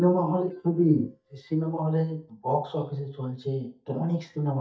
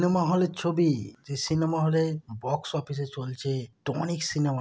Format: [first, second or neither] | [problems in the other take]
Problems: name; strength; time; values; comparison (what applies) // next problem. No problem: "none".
second | noise reduction (neural mask model DeepFilterNet 3)